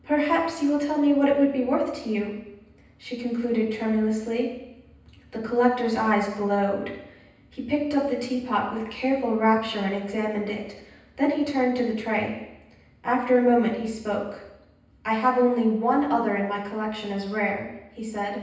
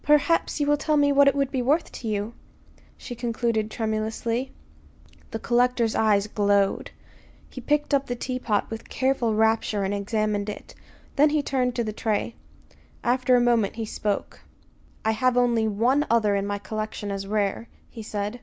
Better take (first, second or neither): second